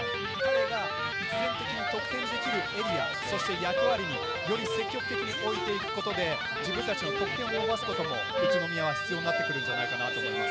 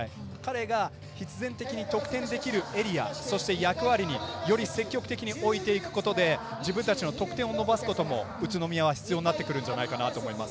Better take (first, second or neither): second